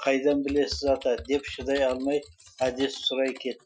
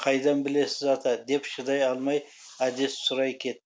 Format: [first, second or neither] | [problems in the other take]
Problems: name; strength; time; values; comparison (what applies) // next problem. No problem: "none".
second | noise reduction (classical method Wiener filter)